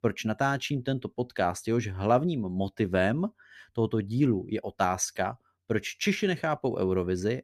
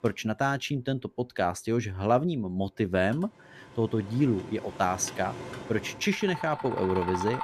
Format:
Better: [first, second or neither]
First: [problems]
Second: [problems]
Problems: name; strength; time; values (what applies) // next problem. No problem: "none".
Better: first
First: none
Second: machinery noise; noticeable; throughout; 10 dB below the speech